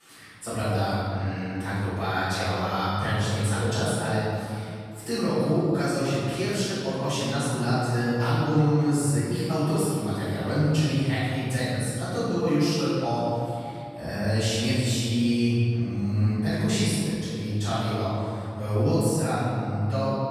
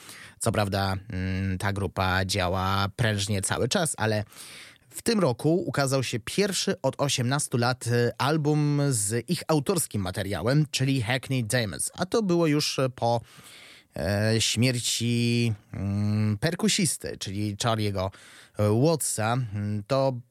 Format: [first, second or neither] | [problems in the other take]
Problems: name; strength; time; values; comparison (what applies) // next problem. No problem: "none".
second | room echo; strong; dies away in 2.5 s // off-mic speech; far